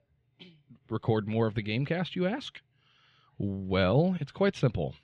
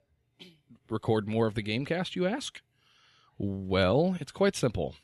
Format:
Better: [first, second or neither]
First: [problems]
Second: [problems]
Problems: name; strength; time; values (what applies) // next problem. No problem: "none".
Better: second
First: muffled; very slightly; fading above 3 kHz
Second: none